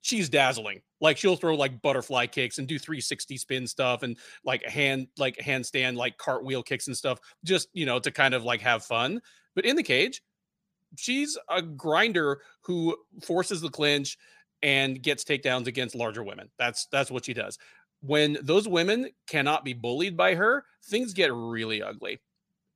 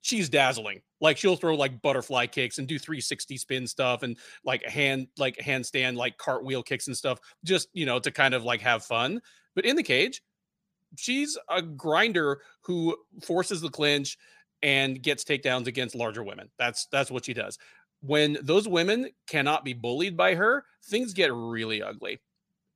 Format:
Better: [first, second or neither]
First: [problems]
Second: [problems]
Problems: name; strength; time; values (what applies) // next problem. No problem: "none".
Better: neither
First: none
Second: none